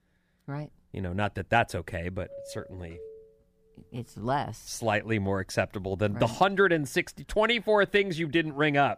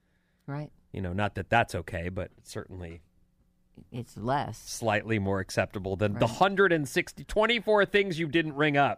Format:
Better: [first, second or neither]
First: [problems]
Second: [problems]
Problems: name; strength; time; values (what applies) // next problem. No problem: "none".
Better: second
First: doorbell; faint; from 2.5 to 3.5 s; peak 15 dB below the speech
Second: none